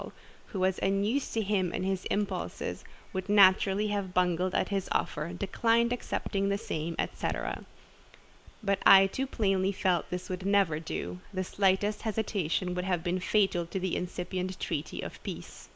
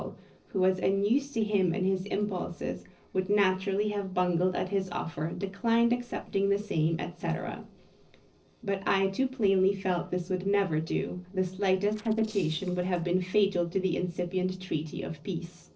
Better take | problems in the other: first | noise reduction (neural separator model SepFormer DNS4)

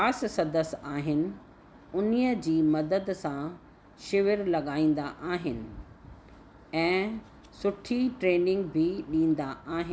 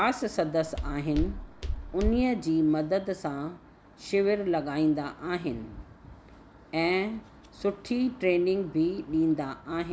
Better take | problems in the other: first | background sound (Walk, footsteps); 4 dB below the speech

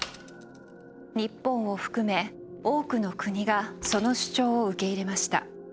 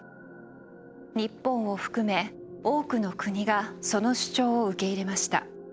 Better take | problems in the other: second | background sound (Mechanisms / Bicycle); 18 dB below the speech

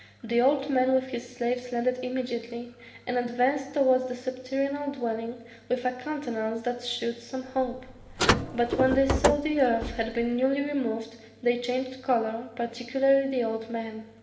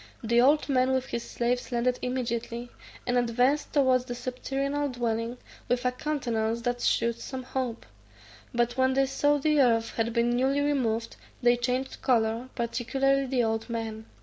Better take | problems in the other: second | background sound (Car); 2 dB below the speech // room echo; dies away in 1.1 s

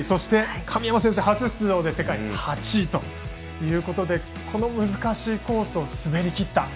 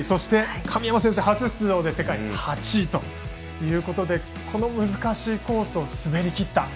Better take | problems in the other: first | background sound (Snare drum); 20 dB below the speech

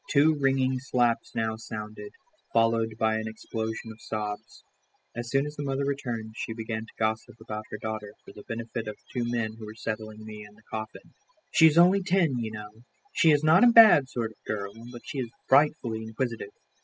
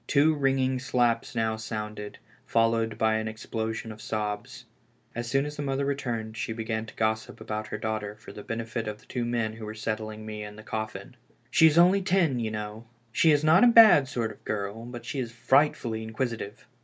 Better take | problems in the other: second | noise reduction (classical method spectral subtraction)

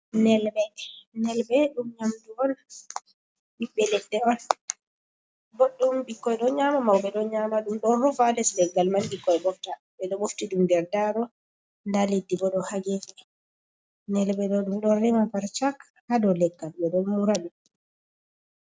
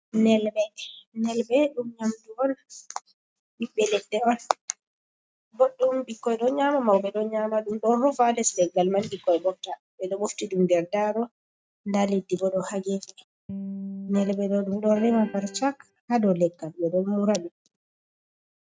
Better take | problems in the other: first | noise reduction (neural mask model RNNoise)

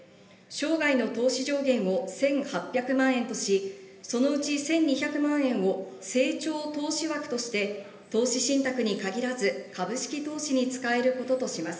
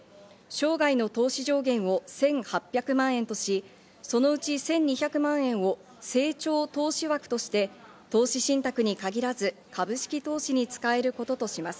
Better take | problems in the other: second | room echo; dies away in 1.4 s

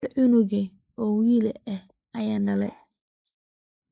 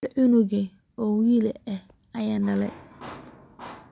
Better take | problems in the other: second | noise reduction (neural mask model Resemble Enhance denoiser)

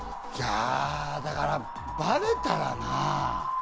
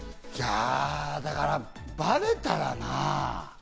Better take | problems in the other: second | background sound (Wind); 6 dB below the speech

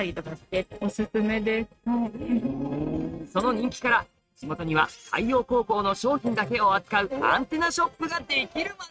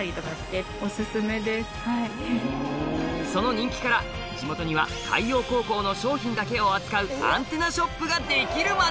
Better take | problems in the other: second | noise reduction (neural mask model RNNoise)

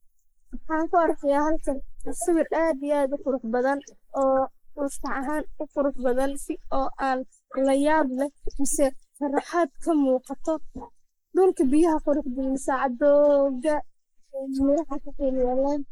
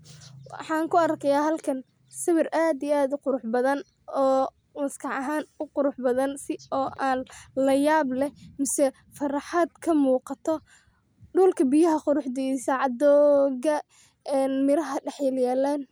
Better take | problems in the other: second | noise reduction (neural mask model Resemble Enhance denoiser)

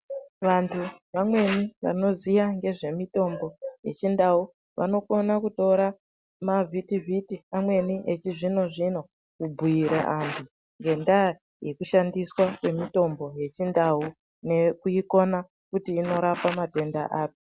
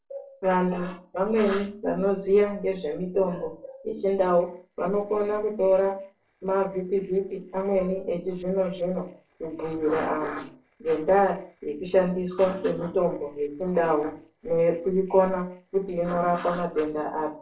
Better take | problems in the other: first | noise reduction (neural separator model SepFormer DNS4)

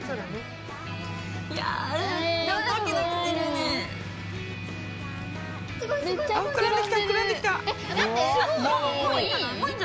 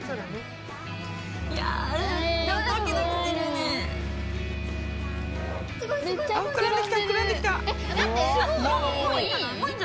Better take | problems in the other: first | background sound (Musical instrument); 5 dB below the speech

